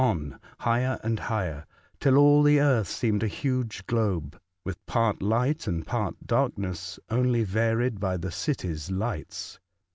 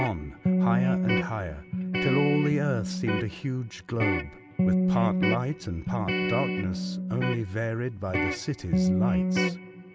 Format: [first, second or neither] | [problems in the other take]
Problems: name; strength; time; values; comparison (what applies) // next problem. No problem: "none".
first | background sound (Electric guitar); 2 dB above the speech